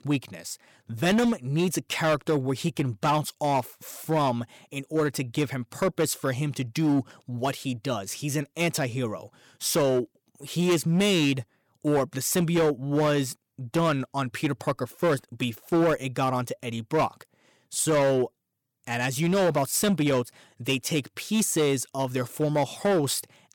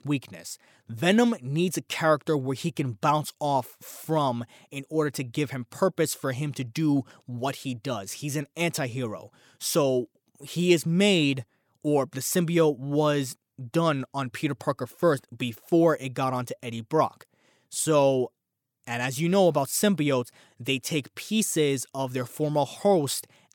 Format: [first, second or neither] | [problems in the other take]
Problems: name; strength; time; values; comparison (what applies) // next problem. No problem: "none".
second | distortion; slight; 8% of the sound clipped